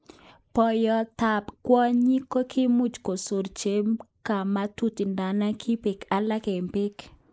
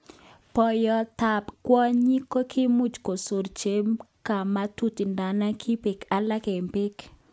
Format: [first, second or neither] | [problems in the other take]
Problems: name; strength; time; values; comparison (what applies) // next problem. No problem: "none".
second | noise reduction (neural mask model Resemble Enhance denoiser)